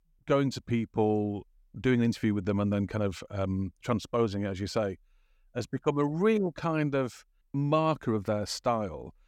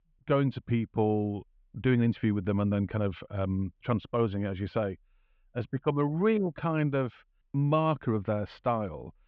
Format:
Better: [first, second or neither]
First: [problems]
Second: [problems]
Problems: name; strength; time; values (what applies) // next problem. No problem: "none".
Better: first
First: none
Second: muffled; very; fading above 3 kHz